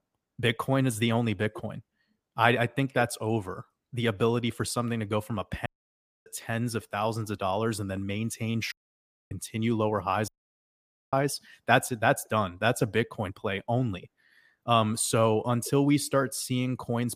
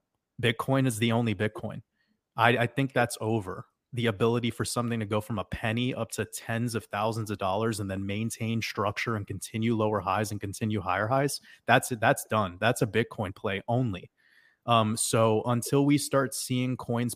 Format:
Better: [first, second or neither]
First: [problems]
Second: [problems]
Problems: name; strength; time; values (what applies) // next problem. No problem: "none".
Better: second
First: audio cutting out; at 5.5 s for 0.5 s, at 8.5 s for 0.5 s and at 10 s for 1 s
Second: none